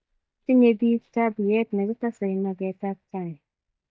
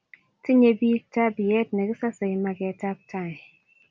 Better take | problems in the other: second | noise reduction (neural mask model DeepFilterNet 3)

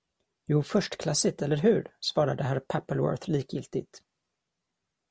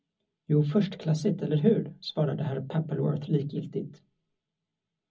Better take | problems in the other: first | room echo; dies away in 0.4 s

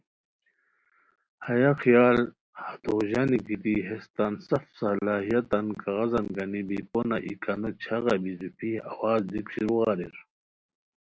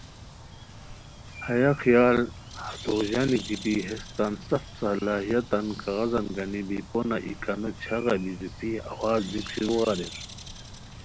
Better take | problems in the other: first | background sound (Bird); 14 dB below the speech

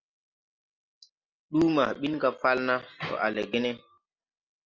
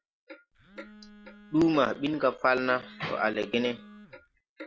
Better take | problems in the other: first | background sound (Clock + Telephone); 19 dB below the speech

